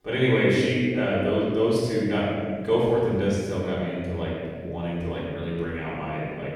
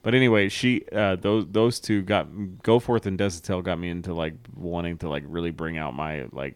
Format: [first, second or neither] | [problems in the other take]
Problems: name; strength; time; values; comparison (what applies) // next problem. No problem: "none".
second | room echo; strong; dies away in 1.6 s // off-mic speech; far